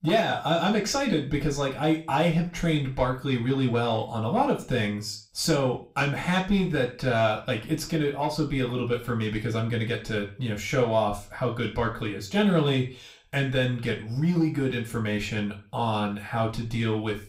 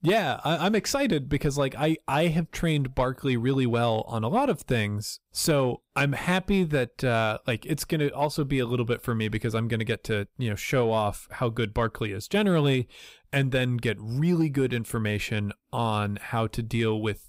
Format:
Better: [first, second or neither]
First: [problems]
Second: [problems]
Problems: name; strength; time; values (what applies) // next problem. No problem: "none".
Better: second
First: room echo; slight; dies away in 0.3 s // off-mic speech; far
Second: none